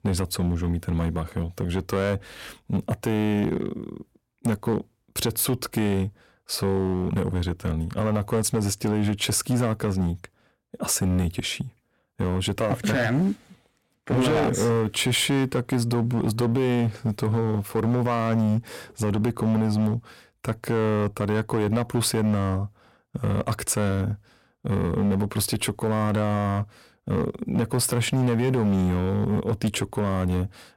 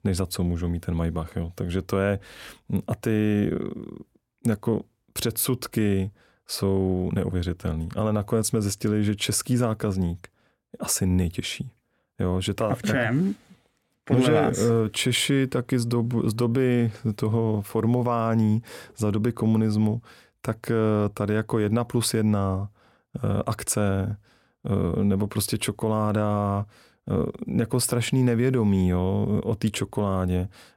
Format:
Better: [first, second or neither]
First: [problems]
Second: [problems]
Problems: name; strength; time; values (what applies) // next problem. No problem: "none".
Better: second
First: distortion; slight; 10% of the sound clipped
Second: none